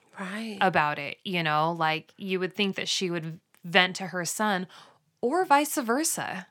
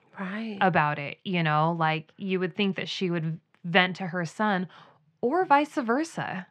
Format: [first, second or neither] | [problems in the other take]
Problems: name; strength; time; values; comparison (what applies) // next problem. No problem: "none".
first | muffled; slightly; fading above 3 kHz